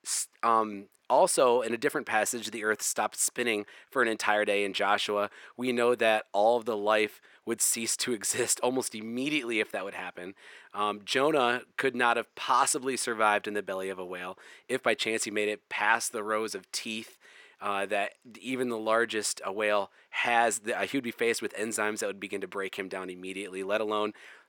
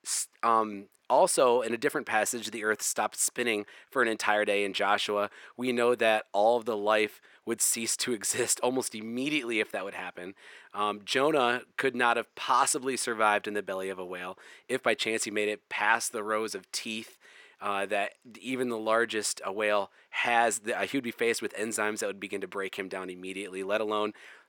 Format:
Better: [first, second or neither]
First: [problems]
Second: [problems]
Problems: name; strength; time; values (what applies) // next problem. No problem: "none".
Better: neither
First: thin; somewhat; fading below 350 Hz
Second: thin; somewhat; fading below 350 Hz